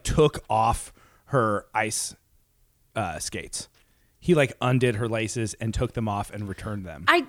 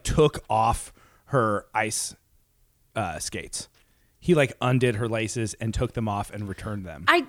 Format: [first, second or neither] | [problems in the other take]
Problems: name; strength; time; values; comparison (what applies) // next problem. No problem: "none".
neither | none